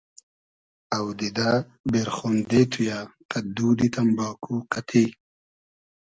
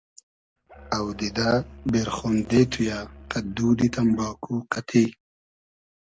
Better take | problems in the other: first | background sound (Musical instrument); 19 dB below the speech

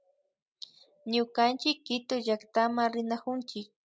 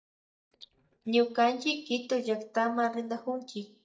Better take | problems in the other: first | noise reduction (neural mask model DeepFilterNet 3)

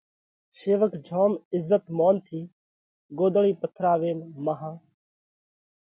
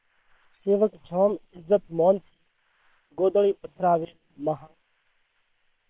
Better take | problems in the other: first | noise reduction (neural separator model SepFormer WHAM!)

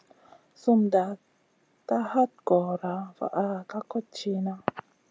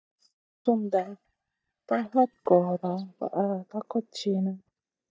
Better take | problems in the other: first | noise reduction (neural mask model DeepFilterNet 3)

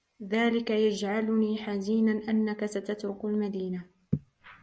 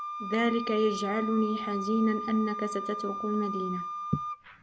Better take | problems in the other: first | background sound (Wind instrument, woodwind instrument); 6 dB below the speech

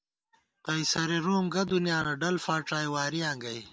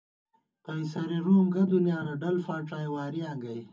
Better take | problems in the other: first | room echo; dies away in 0.3 s

